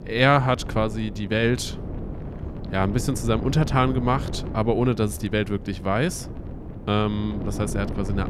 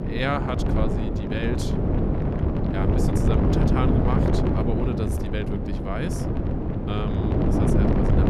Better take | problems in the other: first | wind noise on the microphone; heavy; 3 dB above the speech; occasional gusts in the first

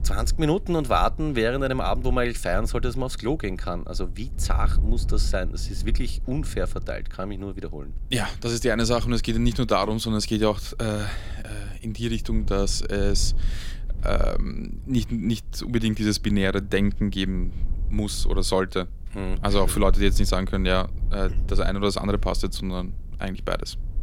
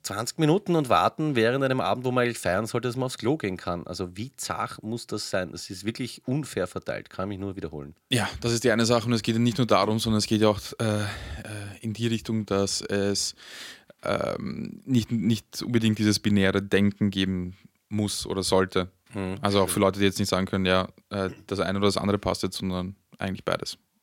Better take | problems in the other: second | low rumble; faint; throughout; 25 dB below the speech

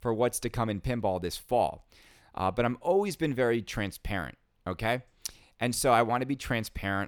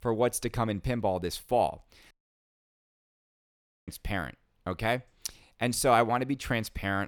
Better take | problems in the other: first | audio cutting out; at 2 s for 2 s

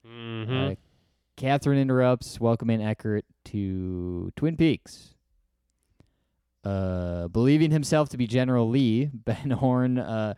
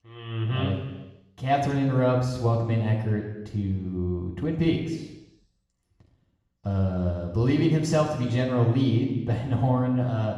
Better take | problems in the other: first | room echo; noticeable; dies away in 1.1 s // off-mic speech; far

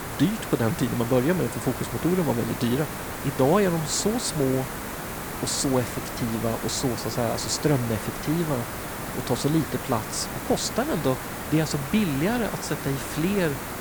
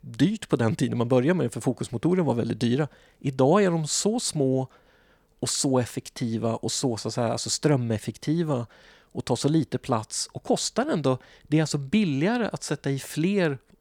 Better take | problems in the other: second | hiss; loud; throughout; 6 dB below the speech

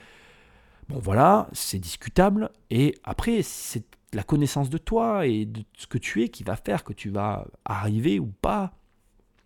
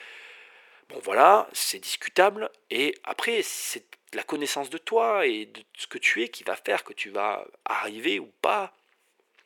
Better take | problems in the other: first | thin; very; fading below 400 Hz

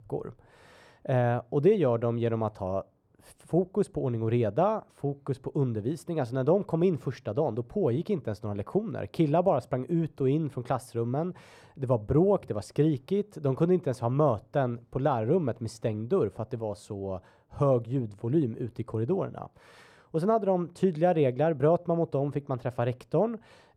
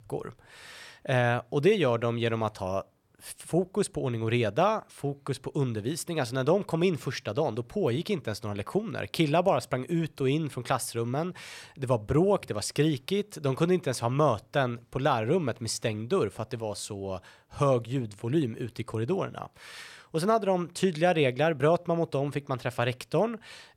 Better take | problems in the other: second | muffled; slightly; fading above 1.5 kHz

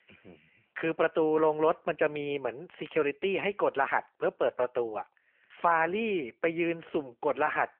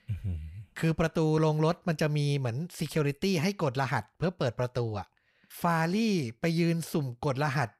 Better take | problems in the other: second | phone-call audio

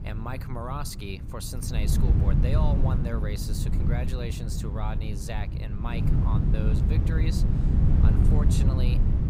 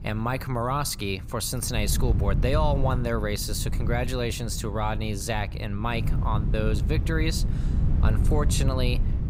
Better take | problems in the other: second | wind noise on the microphone; heavy; as loud as the speech; occasional gusts in the second

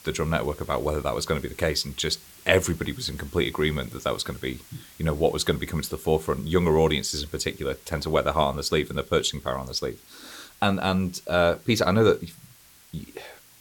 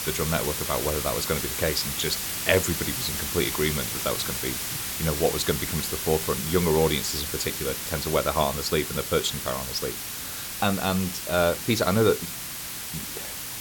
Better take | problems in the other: first | hiss; loud; throughout; 3 dB below the speech; faint in the first

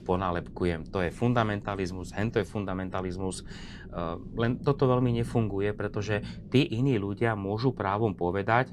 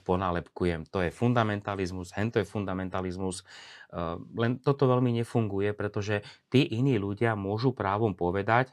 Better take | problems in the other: second | low rumble; faint; throughout; 20 dB below the speech

